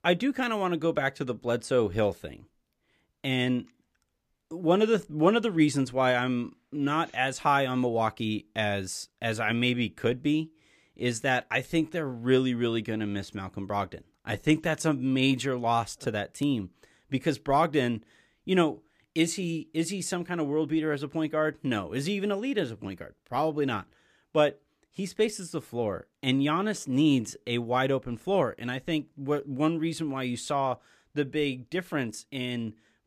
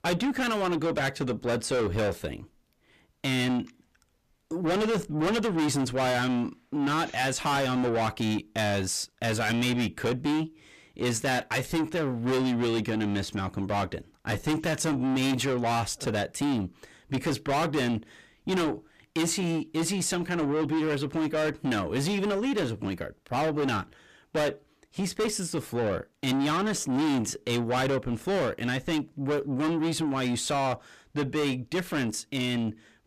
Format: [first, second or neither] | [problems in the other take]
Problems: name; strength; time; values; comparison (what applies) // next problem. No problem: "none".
first | distortion; heavy; 6 dB below the speech